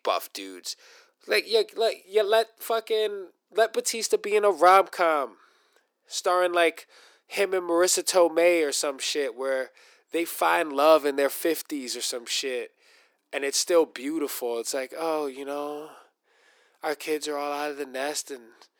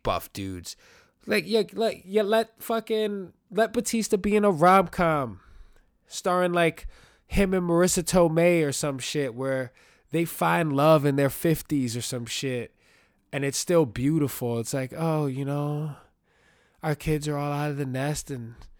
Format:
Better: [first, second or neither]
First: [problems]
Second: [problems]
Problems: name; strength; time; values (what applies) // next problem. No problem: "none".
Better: second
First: thin; very; fading below 350 Hz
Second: none